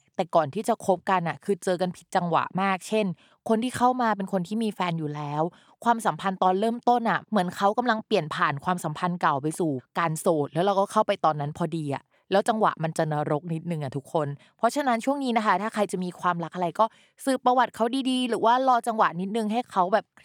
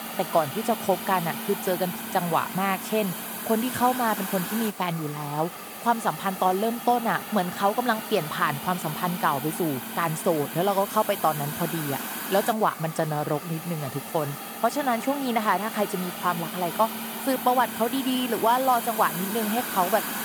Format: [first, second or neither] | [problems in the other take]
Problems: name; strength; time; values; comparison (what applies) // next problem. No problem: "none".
first | hiss; loud; throughout; 6 dB below the speech